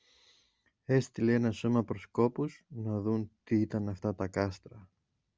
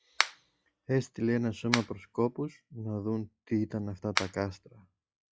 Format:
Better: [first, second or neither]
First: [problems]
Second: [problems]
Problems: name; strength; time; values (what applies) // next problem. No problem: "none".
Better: first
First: none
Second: noise reduction (classical method log-MMSE)